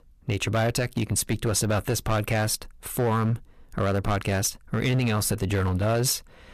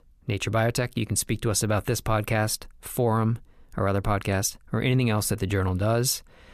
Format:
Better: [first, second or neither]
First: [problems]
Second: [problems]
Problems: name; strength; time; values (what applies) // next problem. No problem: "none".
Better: second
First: distortion; slight; 10% of the sound clipped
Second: none